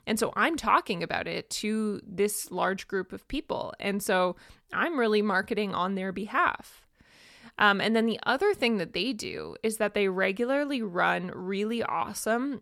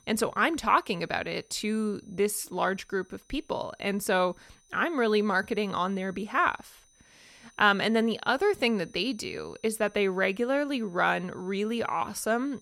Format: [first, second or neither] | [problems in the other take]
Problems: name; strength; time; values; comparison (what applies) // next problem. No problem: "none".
first | high-pitched whine; faint; throughout; 6 kHz, 30 dB below the speech